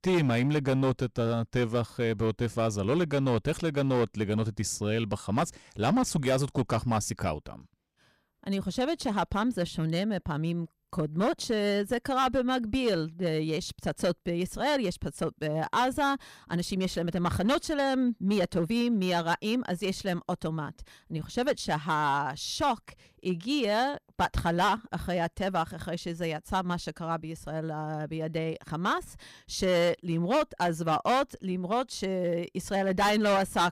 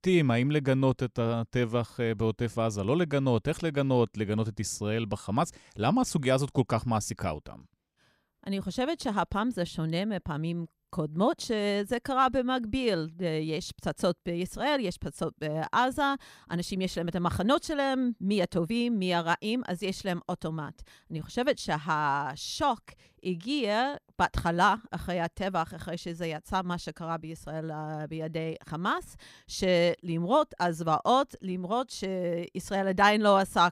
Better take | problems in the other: second | distortion; slight; 6% of the sound clipped

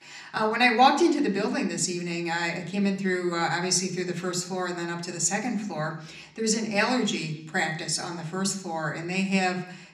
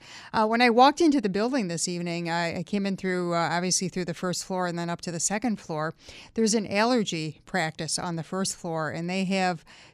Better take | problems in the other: second | room echo; very slight; dies away in 0.6 s

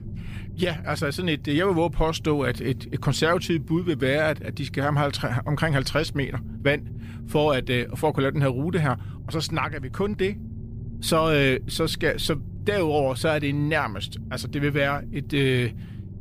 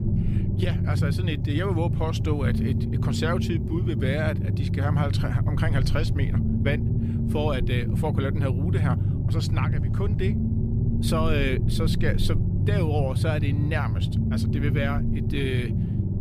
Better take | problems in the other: first | low rumble; loud; throughout; 4 dB below the speech; faint in the first

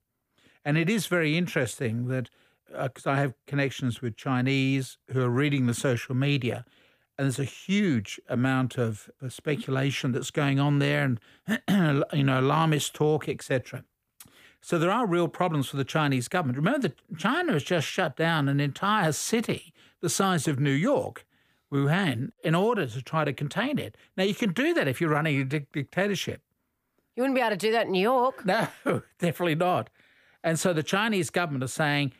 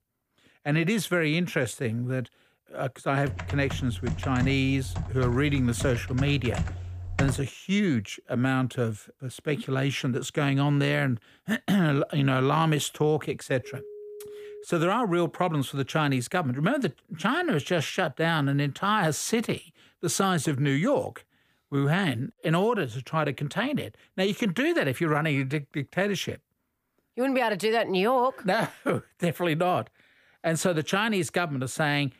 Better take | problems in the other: first | keyboard typing; noticeable; from 3.5 to 7.5 s; peak 4 dB below the speech // phone ringing; faint; from 14 to 15 s; peak 15 dB below the speech

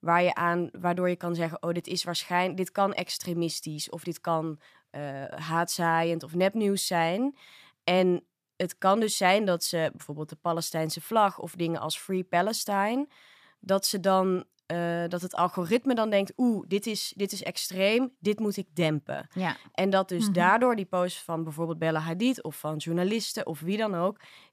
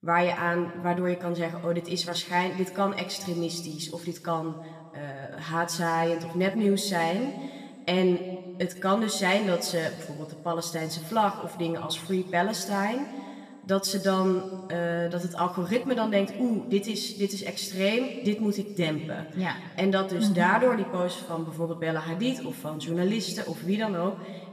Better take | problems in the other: first | room echo; slight; dies away in 1.5 s // off-mic speech; somewhat distant

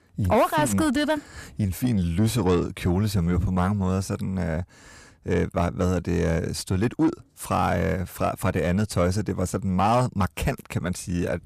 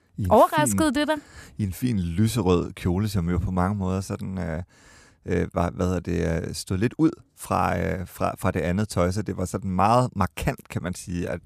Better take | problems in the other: second | distortion; slight; 10 dB below the speech

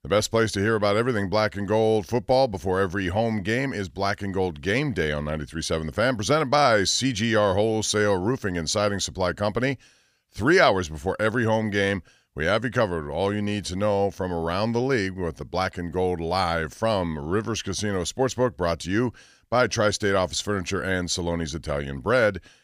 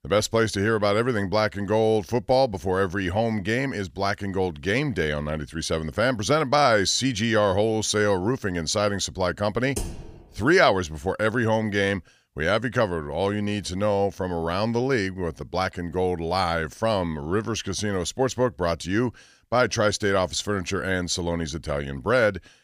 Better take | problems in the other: first | keyboard typing; noticeable; at 10 s; peak 9 dB below the speech

